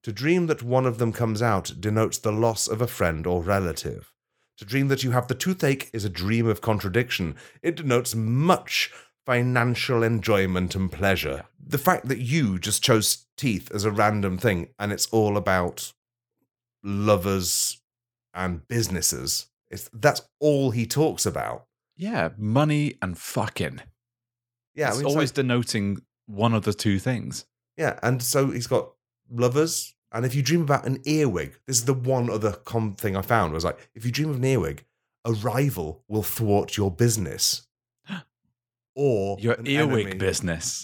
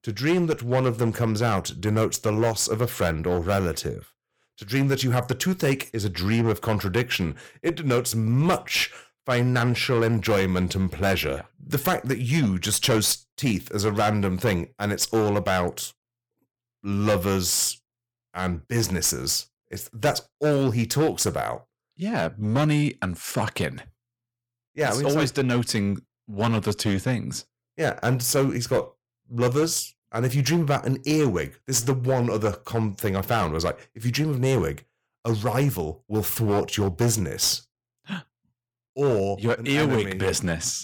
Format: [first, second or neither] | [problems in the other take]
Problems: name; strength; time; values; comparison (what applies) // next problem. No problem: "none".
first | distortion; slight; 7% of the sound clipped